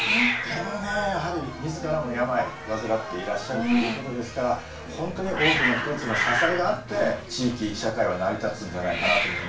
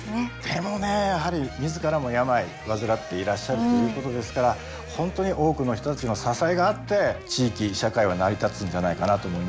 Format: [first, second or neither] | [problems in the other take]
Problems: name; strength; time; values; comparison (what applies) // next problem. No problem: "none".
second | background sound (Hiss); 3 dB below the speech // room echo; dies away in 0.3 s